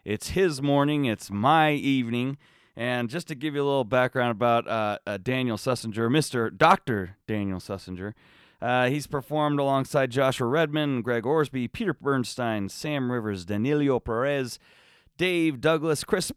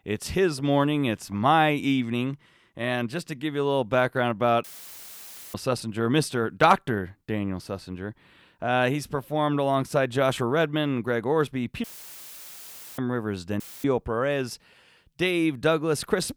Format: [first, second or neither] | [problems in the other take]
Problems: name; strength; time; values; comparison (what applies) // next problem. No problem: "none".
first | audio cutting out; filled with static; at 4.5 s for 1 s, at 12 s for 1 s and at 14 s